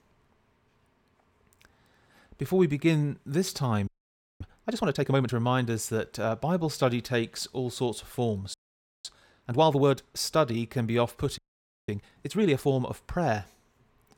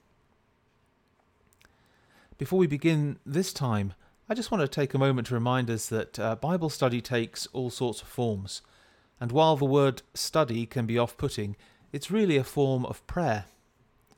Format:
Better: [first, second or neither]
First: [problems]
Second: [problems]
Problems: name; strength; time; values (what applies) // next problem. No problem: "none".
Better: second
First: audio freezing; at 4 s for 0.5 s, at 8.5 s for 0.5 s and at 11 s for 0.5 s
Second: none